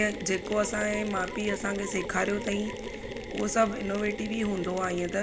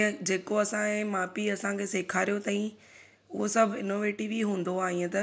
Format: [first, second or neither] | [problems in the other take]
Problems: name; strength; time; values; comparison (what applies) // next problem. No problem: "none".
second | background sound (Mechanisms); 8 dB below the speech